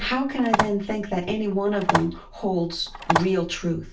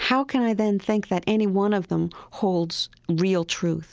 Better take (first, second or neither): second